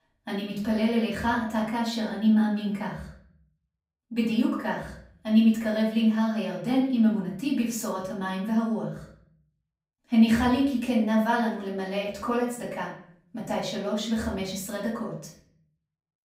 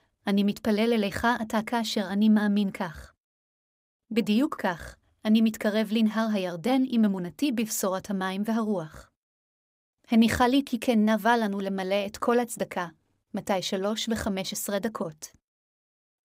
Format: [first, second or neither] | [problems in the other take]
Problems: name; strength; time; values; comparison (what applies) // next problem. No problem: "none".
second | room echo; noticeable; dies away in 0.5 s // off-mic speech; far